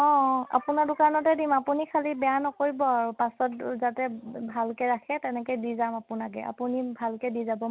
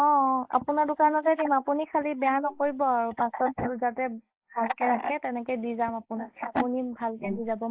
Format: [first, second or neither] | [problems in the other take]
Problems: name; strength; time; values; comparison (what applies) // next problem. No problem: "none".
first | noise reduction (neural mask model Resemble Enhance denoiser)